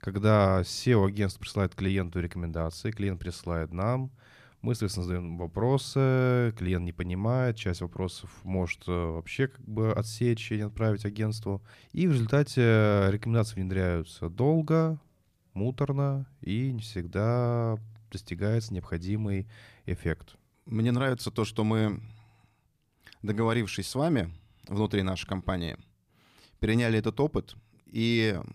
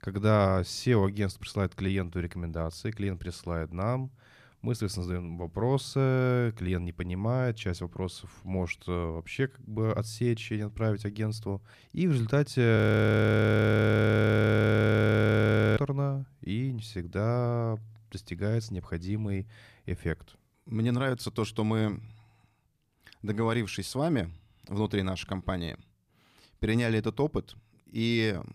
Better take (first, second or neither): first